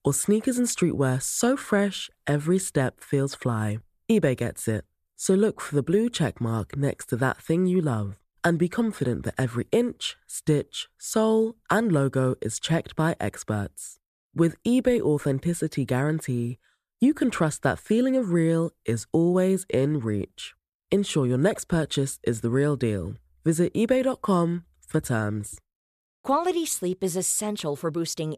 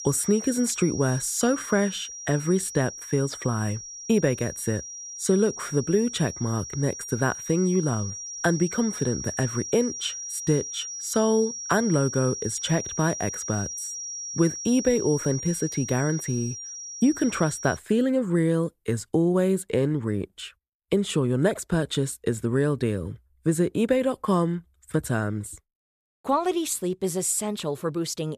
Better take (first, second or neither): first